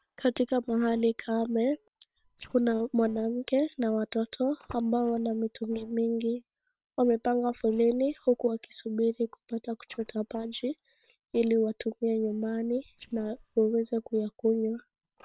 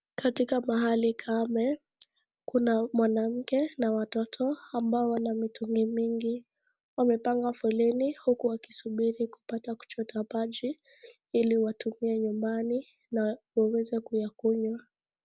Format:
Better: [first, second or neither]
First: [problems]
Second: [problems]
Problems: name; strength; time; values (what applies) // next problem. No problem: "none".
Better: second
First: noise reduction (neural separator model SepFormer WHAM!)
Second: none